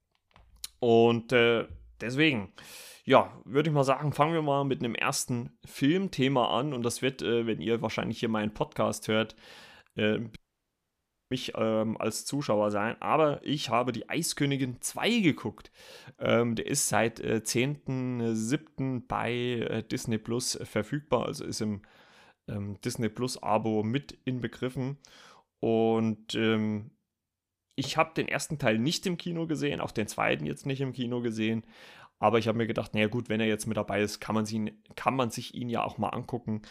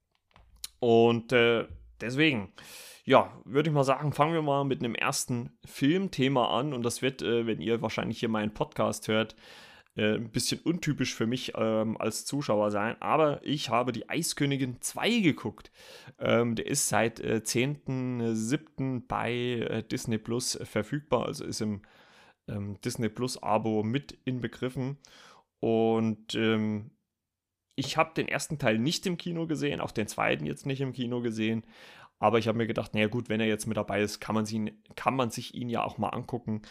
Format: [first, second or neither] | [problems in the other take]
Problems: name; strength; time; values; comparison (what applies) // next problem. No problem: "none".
second | audio cutting out; at 10 s for 1 s